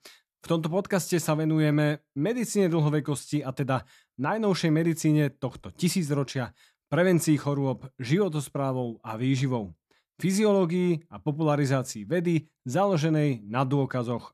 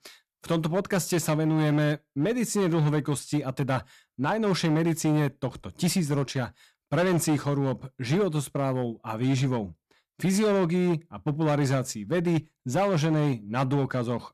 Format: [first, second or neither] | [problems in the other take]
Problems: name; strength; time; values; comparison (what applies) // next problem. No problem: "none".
first | distortion; slight; 11% of the sound clipped